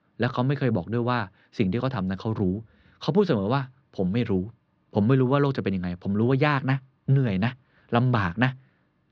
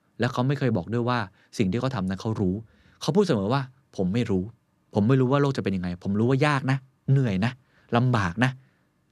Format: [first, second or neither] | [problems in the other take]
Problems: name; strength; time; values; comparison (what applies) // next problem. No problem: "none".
second | muffled; very slightly; fading above 4 kHz